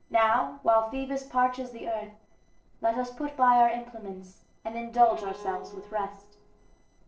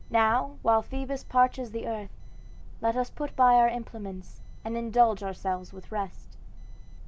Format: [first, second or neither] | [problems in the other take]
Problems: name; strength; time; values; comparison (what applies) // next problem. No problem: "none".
second | noise reduction (neural separator model SepFormer DNS4)